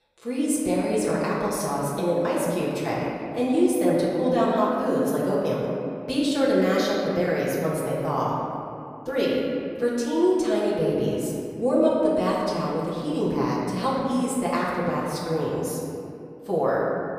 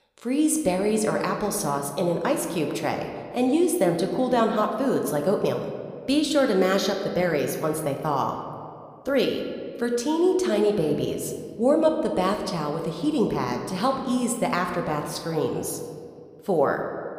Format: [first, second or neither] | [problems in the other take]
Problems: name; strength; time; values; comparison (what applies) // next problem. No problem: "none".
second | room echo; strong; dies away in 2.4 s; slight in the second // off-mic speech; far